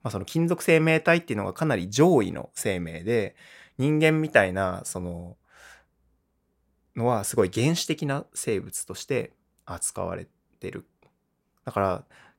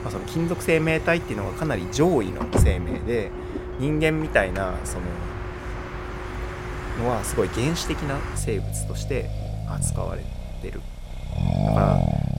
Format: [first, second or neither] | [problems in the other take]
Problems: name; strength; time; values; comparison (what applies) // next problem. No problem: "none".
first | traffic noise; loud; throughout; 3 dB below the speech